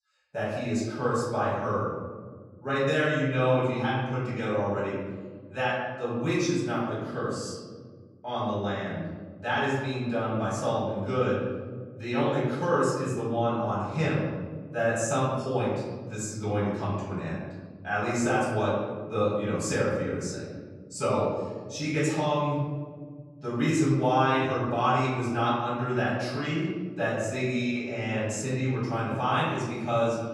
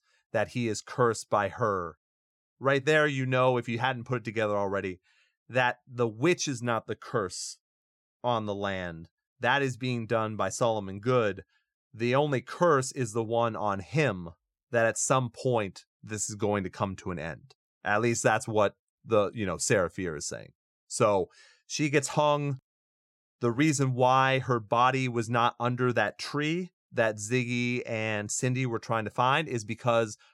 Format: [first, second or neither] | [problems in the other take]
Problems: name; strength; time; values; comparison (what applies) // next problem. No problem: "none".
second | off-mic speech; far // room echo; noticeable; dies away in 1.8 s